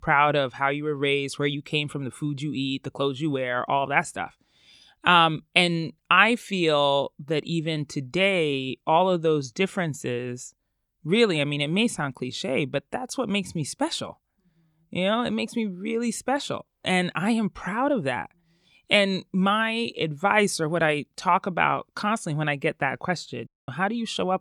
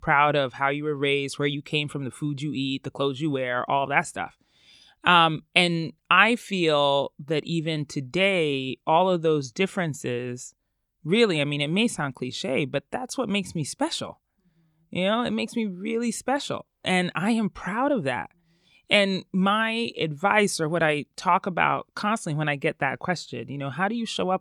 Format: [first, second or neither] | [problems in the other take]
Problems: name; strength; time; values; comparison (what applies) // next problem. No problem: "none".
second | audio cutting out; at 23 s